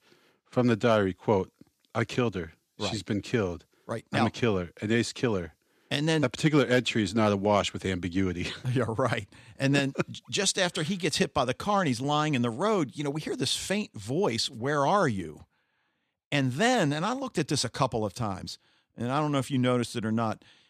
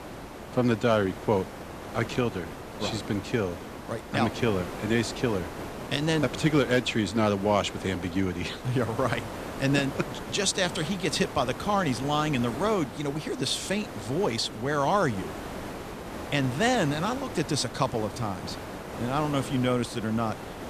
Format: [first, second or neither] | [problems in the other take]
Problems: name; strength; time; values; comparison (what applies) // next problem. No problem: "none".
first | hiss; noticeable; throughout; 10 dB below the speech